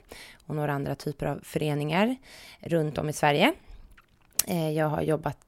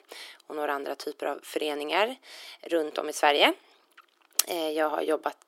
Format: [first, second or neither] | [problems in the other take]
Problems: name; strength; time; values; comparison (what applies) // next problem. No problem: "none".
first | thin; very; fading below 350 Hz